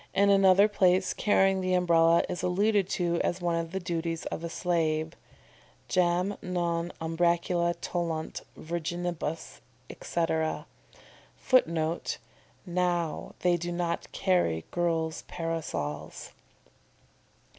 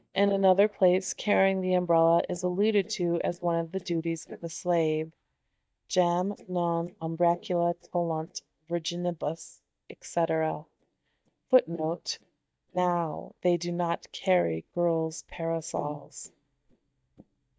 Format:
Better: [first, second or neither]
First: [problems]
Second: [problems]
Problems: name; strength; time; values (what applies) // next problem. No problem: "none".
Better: first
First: none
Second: noise reduction (neural mask model DeepFilterNet 3)